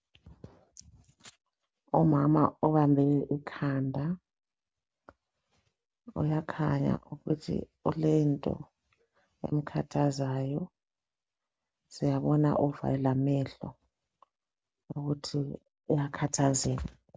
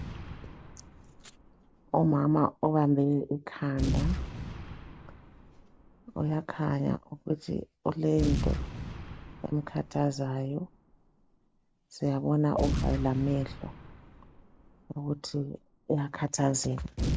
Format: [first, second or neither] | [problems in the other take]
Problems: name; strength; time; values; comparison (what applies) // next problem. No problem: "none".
first | background sound (Boom); 7 dB below the speech